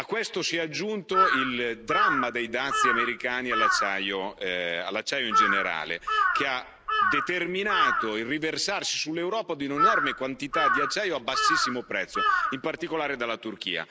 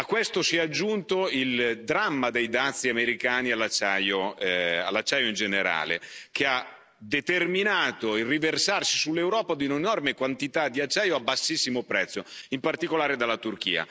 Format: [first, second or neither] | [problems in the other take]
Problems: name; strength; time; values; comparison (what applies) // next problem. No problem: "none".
second | background sound (Bird vocalization, bird call, bird song / Crow); 2 dB above the speech